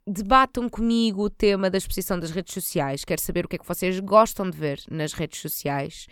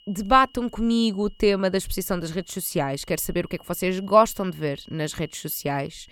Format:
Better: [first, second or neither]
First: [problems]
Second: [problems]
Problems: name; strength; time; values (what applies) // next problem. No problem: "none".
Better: first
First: none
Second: high-pitched whine; faint; throughout; 3 kHz, 30 dB below the speech